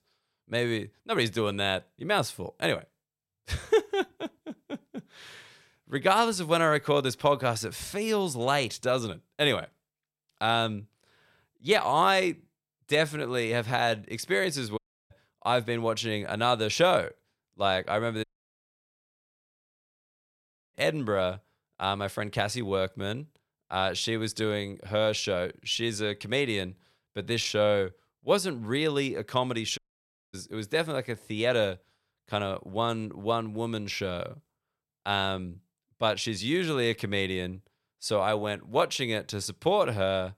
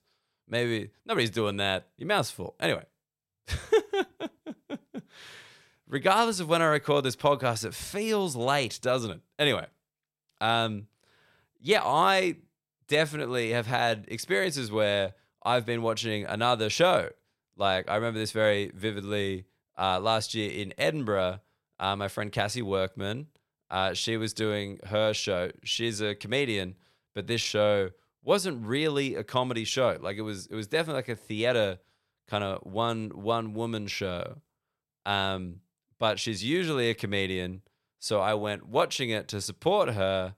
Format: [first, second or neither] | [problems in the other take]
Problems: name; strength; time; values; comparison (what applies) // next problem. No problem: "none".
second | audio cutting out; at 15 s, at 18 s for 2.5 s and at 30 s for 0.5 s